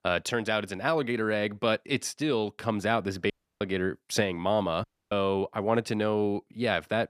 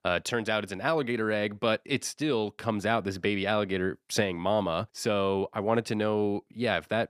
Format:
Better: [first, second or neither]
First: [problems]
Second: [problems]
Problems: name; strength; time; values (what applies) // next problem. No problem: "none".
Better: second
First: audio cutting out; at 3.5 s and at 5 s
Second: none